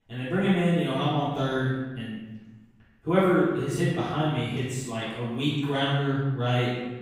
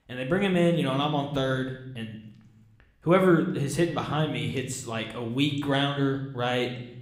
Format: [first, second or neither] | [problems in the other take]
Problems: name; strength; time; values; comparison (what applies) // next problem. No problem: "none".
second | room echo; strong; dies away in 1 s; slight in the second // off-mic speech; far